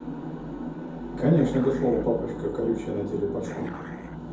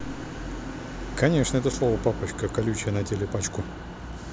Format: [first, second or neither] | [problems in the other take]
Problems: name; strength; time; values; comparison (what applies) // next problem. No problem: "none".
second | background sound (Dog); 16 dB below the speech // room echo; dies away in 0.6 s